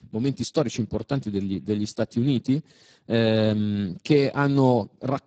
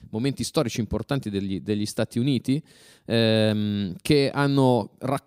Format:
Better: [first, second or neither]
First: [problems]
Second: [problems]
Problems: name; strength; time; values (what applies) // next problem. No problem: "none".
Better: second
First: garbled, watery; badly; nothing above 7.5 kHz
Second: none